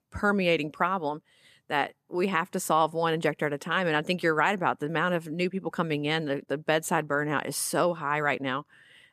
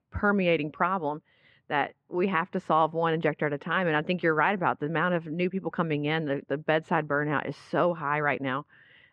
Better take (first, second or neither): first